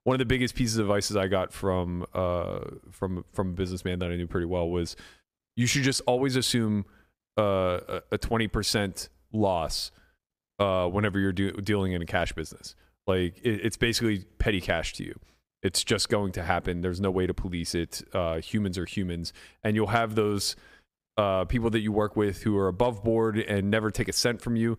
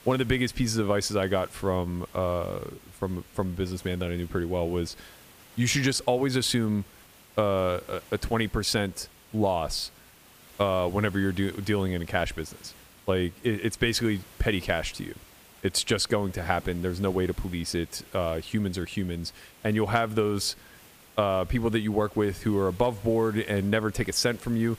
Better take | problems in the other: first | hiss; faint; throughout; 25 dB below the speech

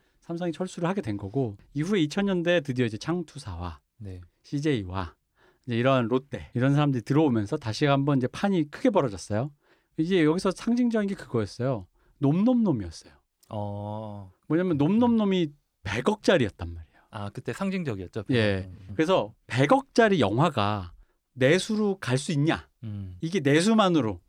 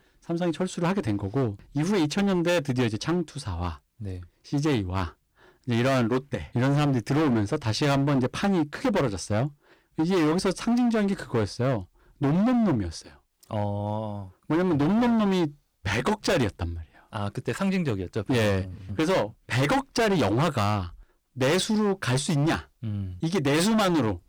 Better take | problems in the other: first | distortion; heavy; 18% of the sound clipped

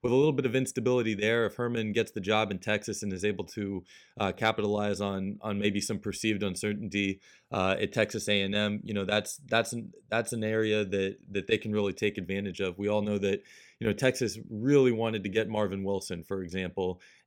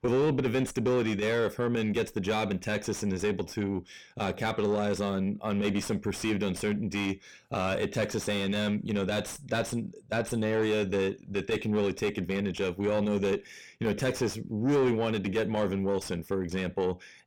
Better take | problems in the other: first | distortion; heavy; 7 dB below the speech

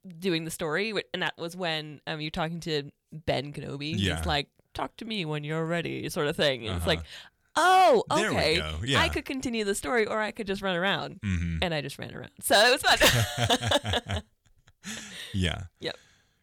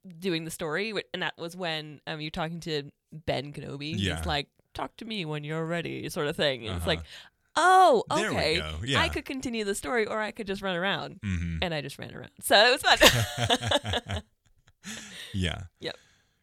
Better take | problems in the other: second | distortion; slight; 1.3% of the sound clipped

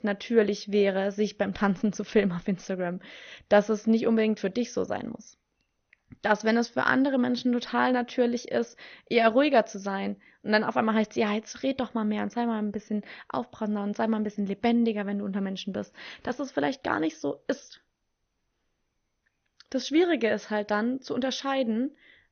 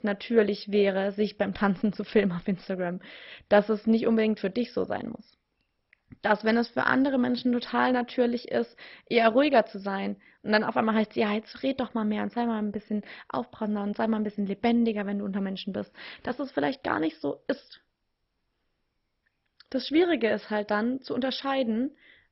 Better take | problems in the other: first | garbled, watery; badly; nothing above 5.5 kHz; slightly in the first

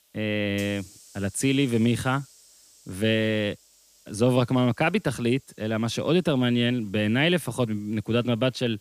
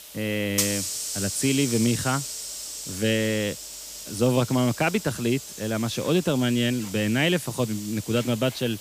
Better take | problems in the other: first | hiss; loud; throughout; 7 dB below the speech; faint in the first

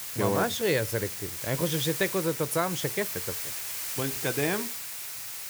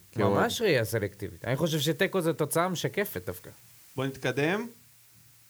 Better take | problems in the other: second | hiss; loud; throughout; 3 dB below the speech; faint in the second

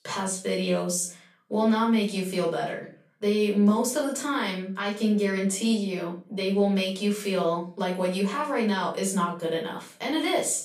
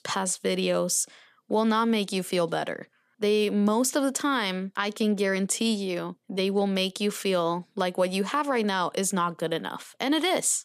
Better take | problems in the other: second | off-mic speech; far // room echo; slight; dies away in 0.4 s

